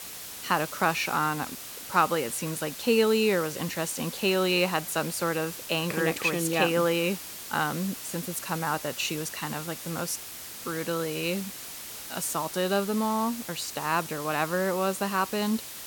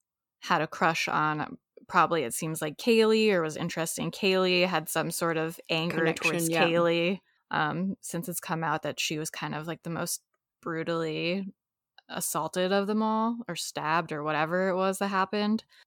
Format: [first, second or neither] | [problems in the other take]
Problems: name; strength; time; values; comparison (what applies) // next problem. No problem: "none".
second | hiss; loud; throughout; 9 dB below the speech